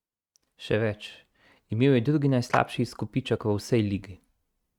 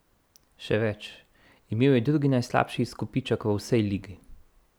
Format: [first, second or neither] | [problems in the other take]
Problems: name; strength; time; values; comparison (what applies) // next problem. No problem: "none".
second | noise reduction (neural mask model RNNoise)